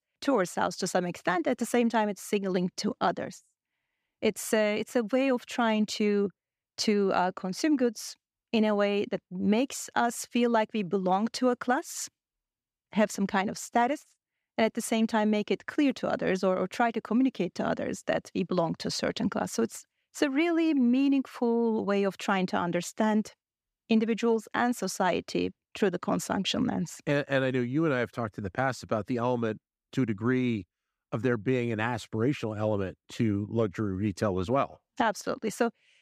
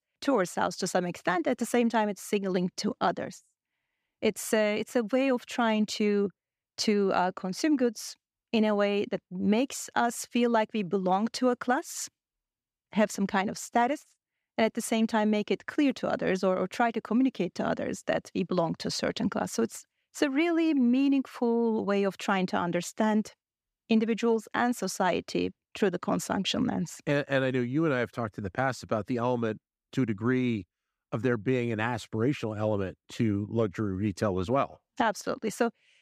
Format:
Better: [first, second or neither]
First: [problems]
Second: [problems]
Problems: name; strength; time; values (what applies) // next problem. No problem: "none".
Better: neither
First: none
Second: none